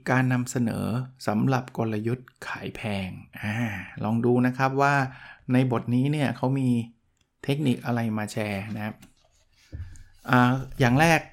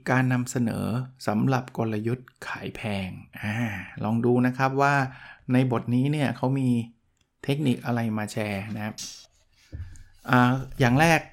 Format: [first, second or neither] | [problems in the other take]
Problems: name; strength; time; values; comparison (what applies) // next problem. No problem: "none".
first | clattering dishes; faint; at 9 s; peak 10 dB below the speech